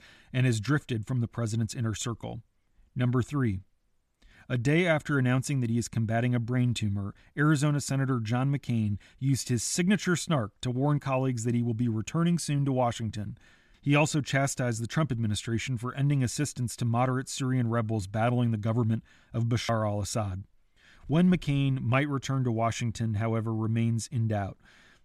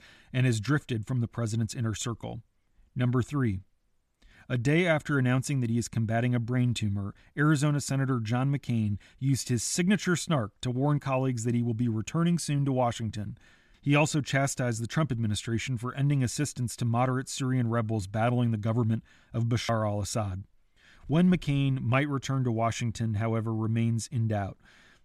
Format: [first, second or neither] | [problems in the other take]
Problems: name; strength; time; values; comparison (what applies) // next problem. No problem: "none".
neither | none